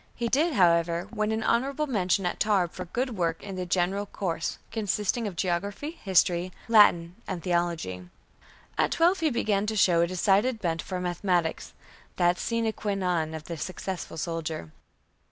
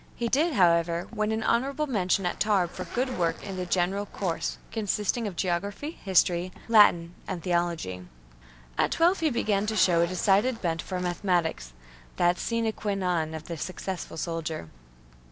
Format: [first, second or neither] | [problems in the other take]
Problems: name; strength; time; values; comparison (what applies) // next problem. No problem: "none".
first | background sound (Zipper (clothing)); 19 dB below the speech